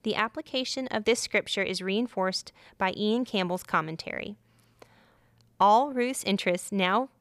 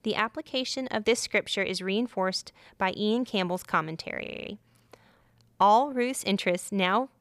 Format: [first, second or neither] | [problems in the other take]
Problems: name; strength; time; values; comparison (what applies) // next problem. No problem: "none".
first | audio freezing; at 4.5 s